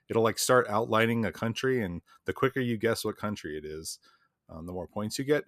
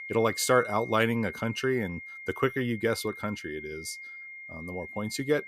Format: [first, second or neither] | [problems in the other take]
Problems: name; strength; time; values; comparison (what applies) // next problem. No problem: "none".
first | high-pitched whine; noticeable; throughout; 2 kHz, 10 dB below the speech